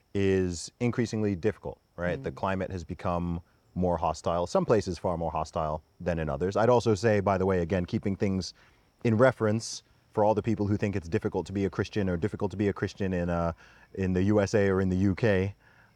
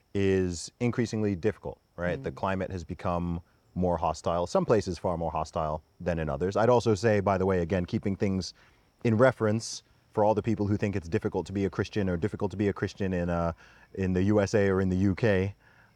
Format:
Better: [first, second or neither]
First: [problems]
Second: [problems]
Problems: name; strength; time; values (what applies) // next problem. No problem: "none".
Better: neither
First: none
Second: none